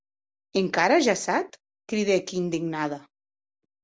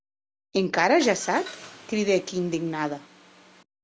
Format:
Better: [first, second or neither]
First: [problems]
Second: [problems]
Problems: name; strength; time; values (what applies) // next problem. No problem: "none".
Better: first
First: none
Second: background sound (Car); 19 dB below the speech